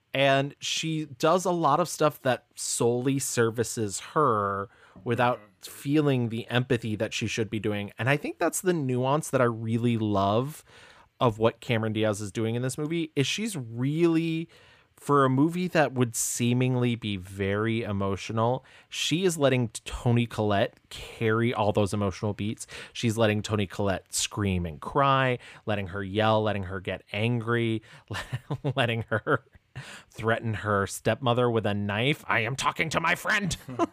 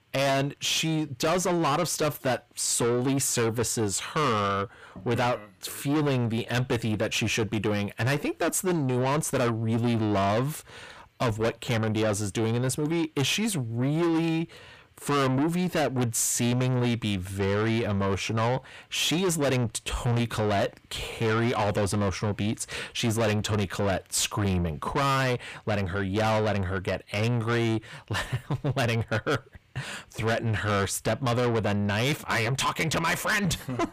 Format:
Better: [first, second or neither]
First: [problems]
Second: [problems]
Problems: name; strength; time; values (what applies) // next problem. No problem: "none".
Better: first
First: none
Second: distortion; heavy; 6 dB below the speech